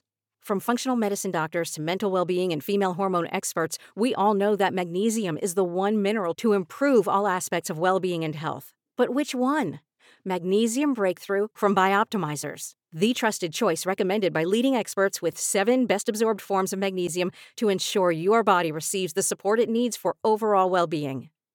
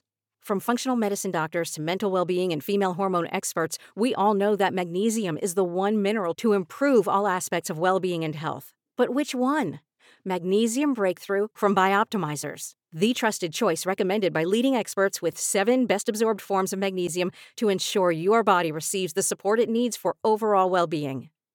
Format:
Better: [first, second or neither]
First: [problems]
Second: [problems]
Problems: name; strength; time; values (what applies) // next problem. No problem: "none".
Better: neither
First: none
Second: none